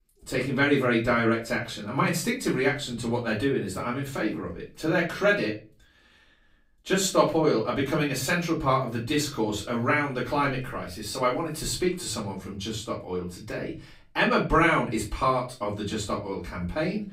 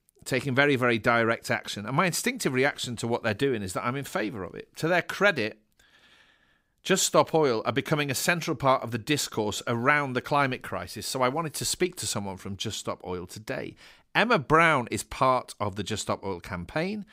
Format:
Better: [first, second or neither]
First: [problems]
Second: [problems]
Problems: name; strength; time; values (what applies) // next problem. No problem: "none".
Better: second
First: off-mic speech; far // room echo; slight; dies away in 0.3 s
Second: none